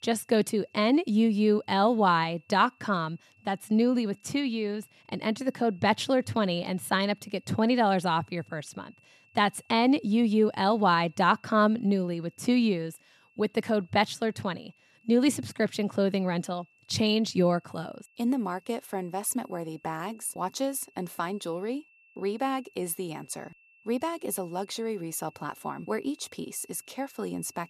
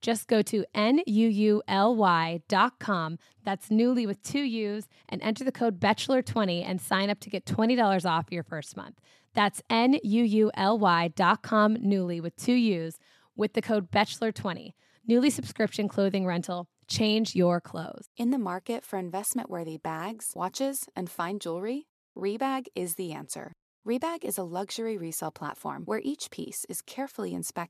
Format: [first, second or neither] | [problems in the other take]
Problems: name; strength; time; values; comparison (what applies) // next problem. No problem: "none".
second | high-pitched whine; faint; throughout; 2.5 kHz, 30 dB below the speech